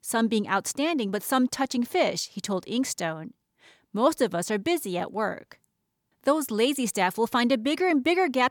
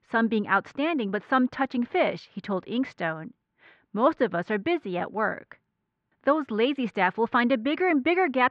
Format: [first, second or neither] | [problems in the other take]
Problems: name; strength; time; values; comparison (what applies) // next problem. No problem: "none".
first | muffled; very; fading above 3 kHz